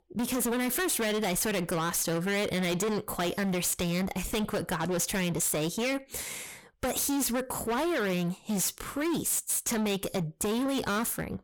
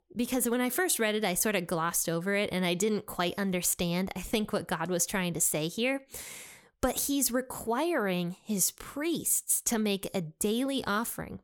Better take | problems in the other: second | distortion; heavy; 30% of the sound clipped

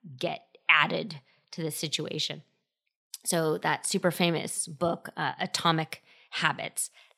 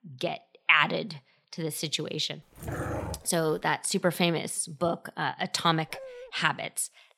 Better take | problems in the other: first | dog barking; noticeable; at 2.5 s; peak 5 dB below the speech // dog barking; faint; at 6 s; peak 15 dB below the speech

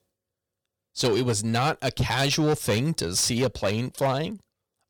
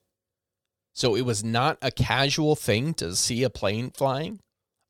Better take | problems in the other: second | distortion; slight; 7% of the sound clipped

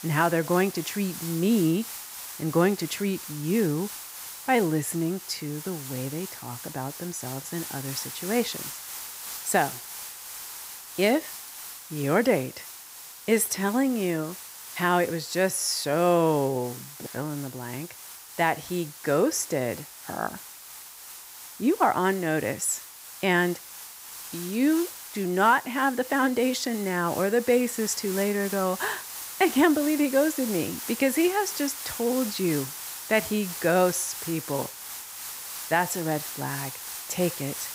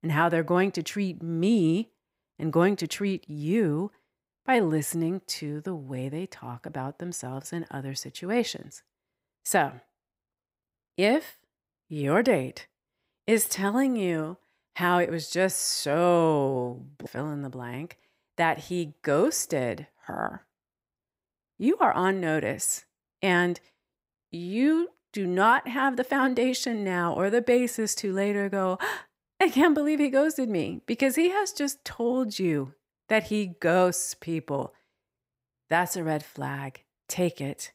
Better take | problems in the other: second | hiss; noticeable; throughout; 10 dB below the speech

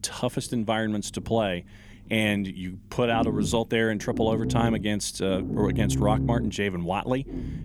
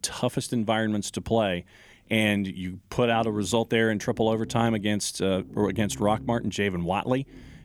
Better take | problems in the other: second | low rumble; loud; throughout; 9 dB below the speech; faint in the second

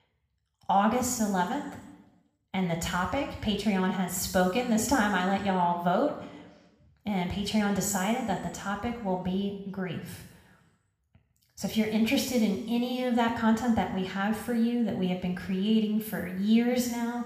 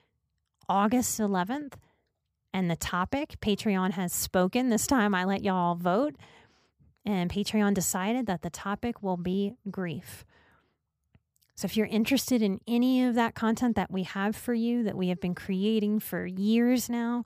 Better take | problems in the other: second | room echo; noticeable; dies away in 1 s // off-mic speech; somewhat distant

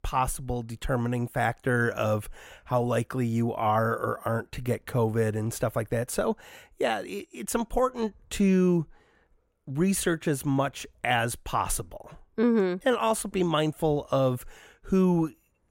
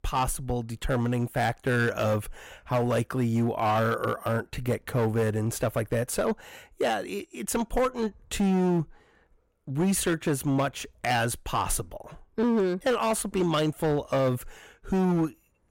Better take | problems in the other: first | distortion; slight; 9% of the sound clipped

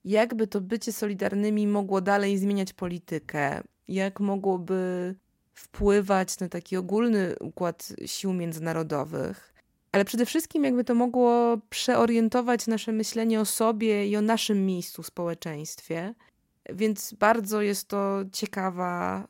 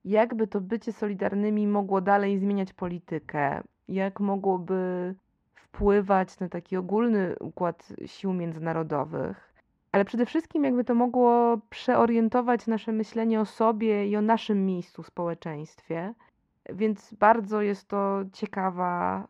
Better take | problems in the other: first | muffled; very; fading above 2 kHz

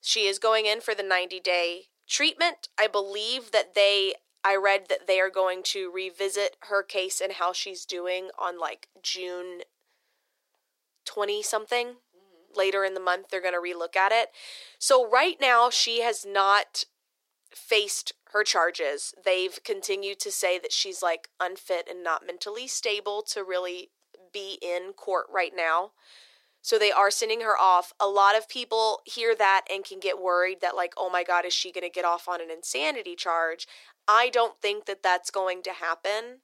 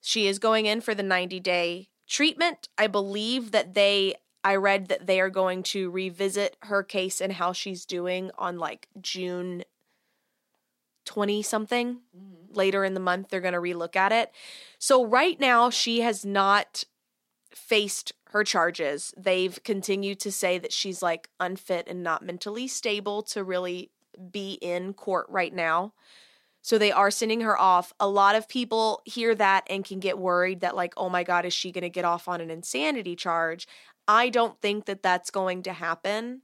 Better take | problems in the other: second | thin; very; fading below 350 Hz

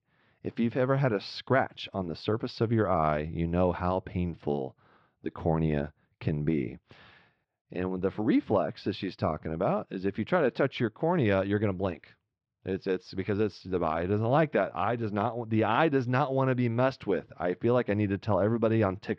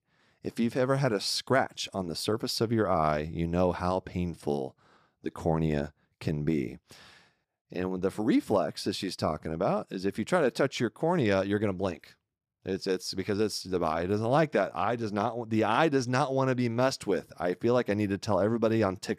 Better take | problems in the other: second | muffled; slightly; fading above 3.5 kHz

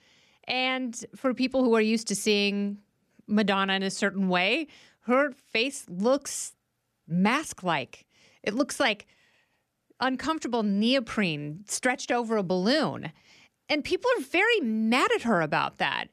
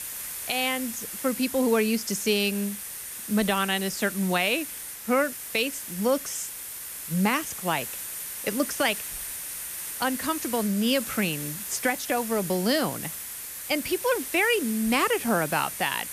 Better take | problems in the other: first | hiss; loud; throughout; 7 dB below the speech

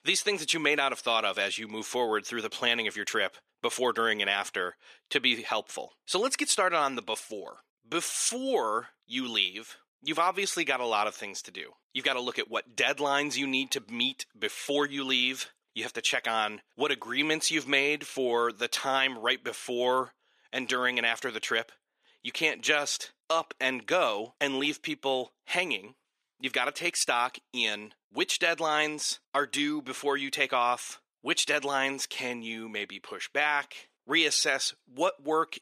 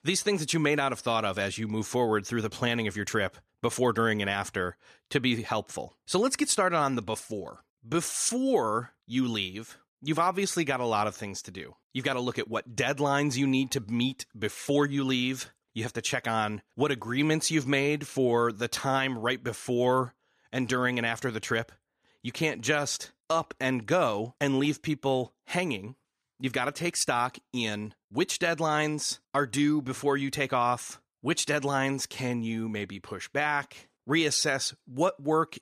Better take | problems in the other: second | thin; somewhat; fading below 350 Hz

